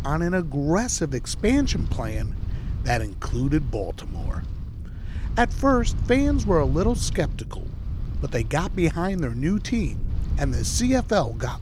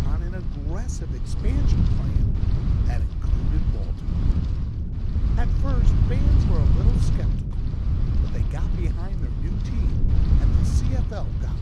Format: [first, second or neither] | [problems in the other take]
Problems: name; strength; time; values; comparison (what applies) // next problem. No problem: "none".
first | wind noise on the microphone; heavy; 3 dB above the speech; occasional gusts in the first